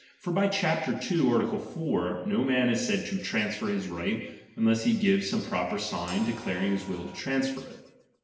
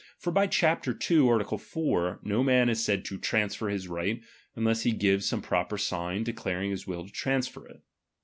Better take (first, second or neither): second